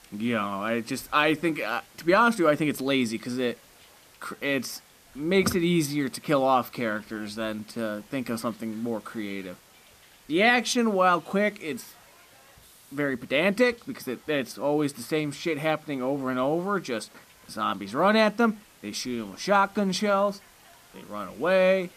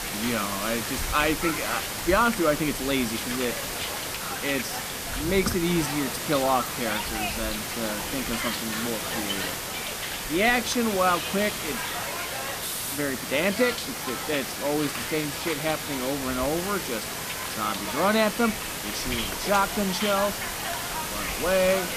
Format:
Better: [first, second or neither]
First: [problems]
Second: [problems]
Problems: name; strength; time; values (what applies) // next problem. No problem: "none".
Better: first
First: hiss; faint; throughout; 25 dB below the speech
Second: hiss; loud; throughout; 2 dB below the speech